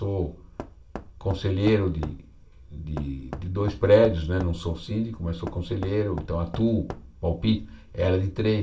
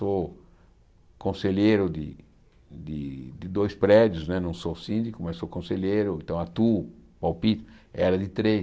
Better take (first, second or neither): second